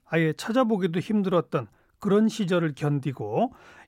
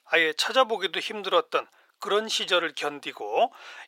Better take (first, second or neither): first